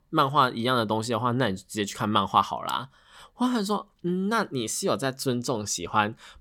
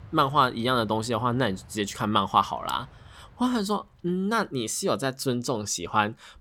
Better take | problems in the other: first | train or aircraft noise; faint; throughout; 25 dB below the speech

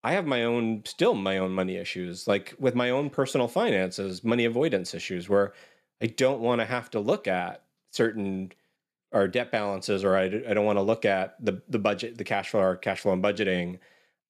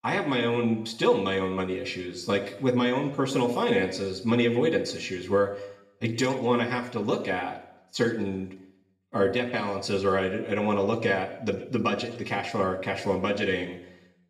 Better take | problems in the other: first | room echo; slight; dies away in 0.7 s // off-mic speech; somewhat distant

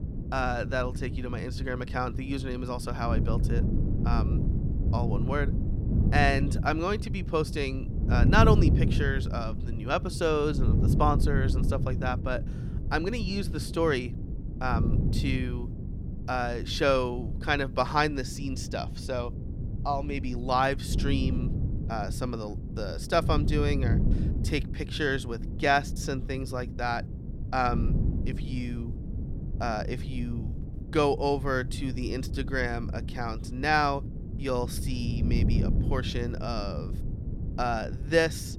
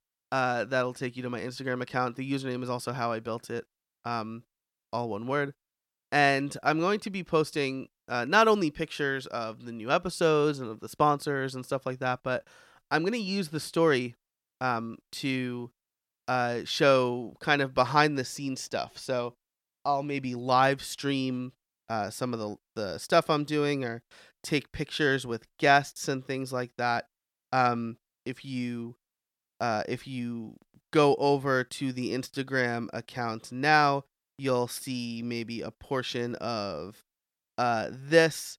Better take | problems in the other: second | wind noise on the microphone; occasional gusts; 10 dB below the speech

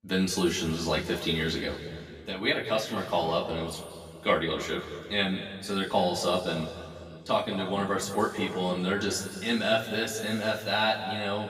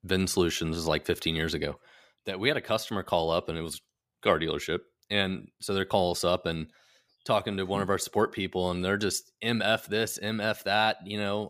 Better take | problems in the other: second | room echo; noticeable; dies away in 2 s // off-mic speech; far

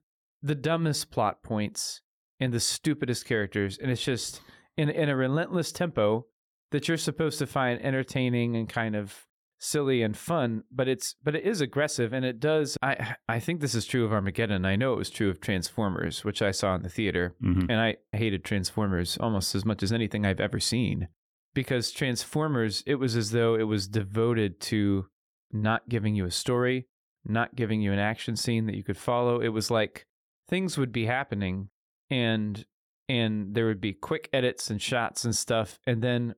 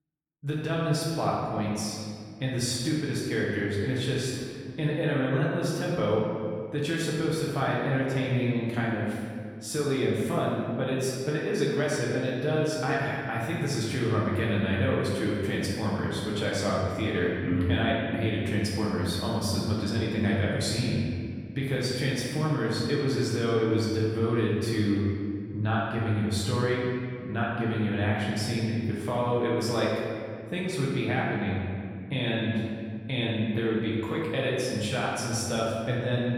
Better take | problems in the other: first | room echo; noticeable; dies away in 2 s // off-mic speech; far

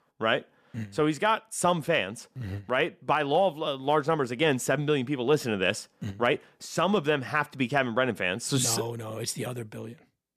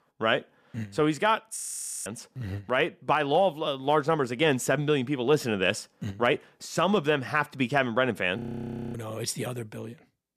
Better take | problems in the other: first | audio freezing; at 1.5 s and at 8.5 s for 0.5 s

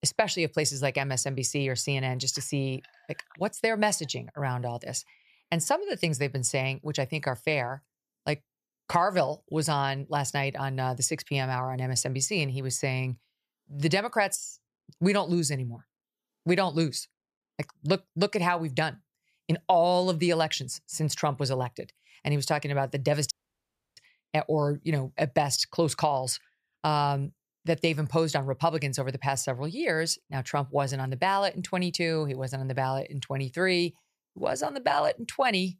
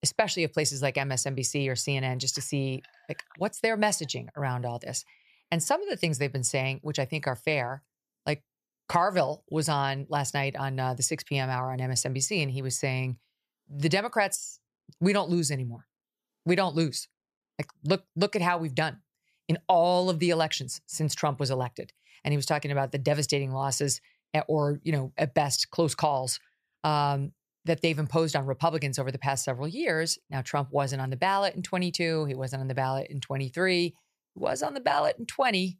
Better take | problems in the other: second | audio cutting out; at 23 s for 0.5 s

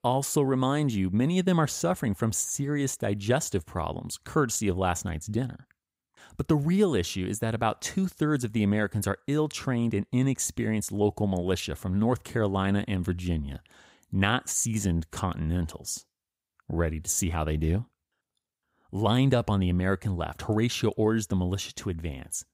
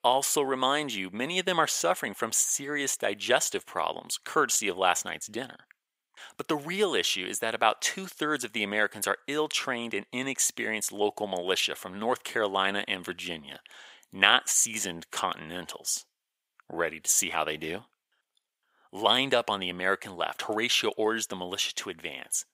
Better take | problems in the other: first | thin; very; fading below 550 Hz

